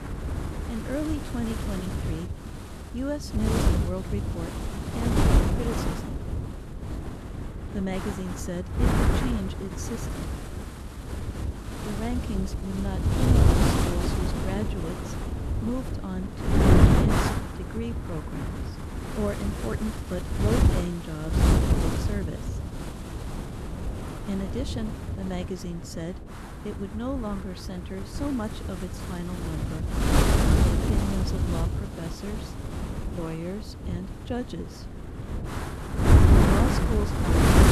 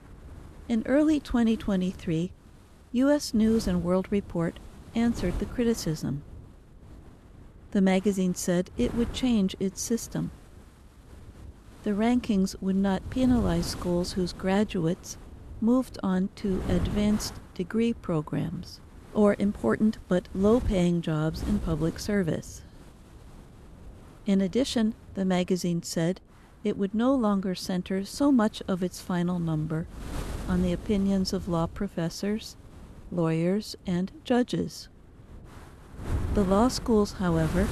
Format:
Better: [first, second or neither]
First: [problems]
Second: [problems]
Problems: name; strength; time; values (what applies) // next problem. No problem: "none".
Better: second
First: wind noise on the microphone; heavy; 4 dB above the speech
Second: wind noise on the microphone; occasional gusts; 15 dB below the speech